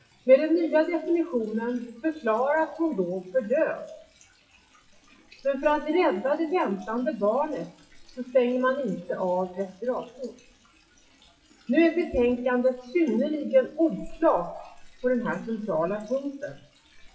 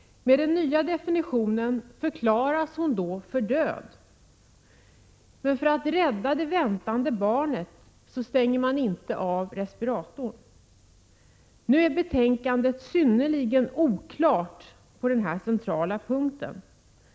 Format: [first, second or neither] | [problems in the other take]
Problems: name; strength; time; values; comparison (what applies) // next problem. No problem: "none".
second | noise reduction (classical method WPE with log-MMSE)